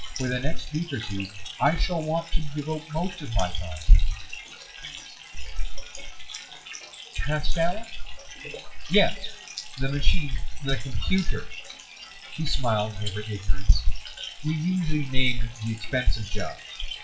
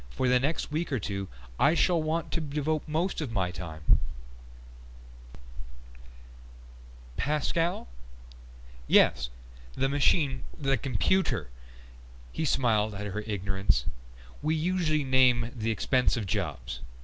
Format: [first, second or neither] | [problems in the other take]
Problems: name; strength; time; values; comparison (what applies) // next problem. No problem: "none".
second | noise reduction (classical method WPE with log-MMSE)